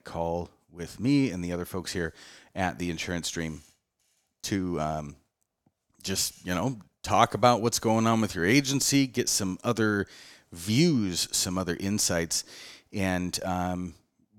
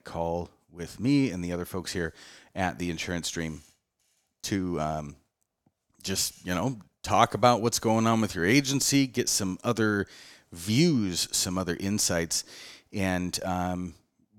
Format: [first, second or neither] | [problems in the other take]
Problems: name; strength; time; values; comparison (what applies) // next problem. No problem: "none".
neither | none